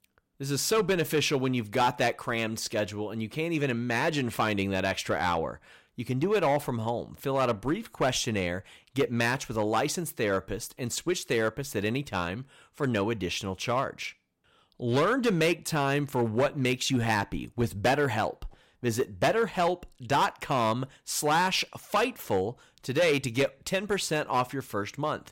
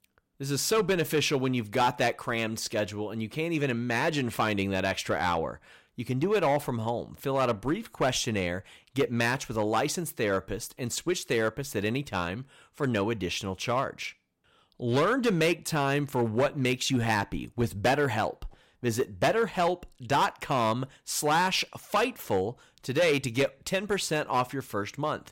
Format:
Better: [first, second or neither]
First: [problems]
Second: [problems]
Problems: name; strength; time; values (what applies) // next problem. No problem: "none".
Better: neither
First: distortion; slight; 5% of the sound clipped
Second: distortion; slight; 5% of the sound clipped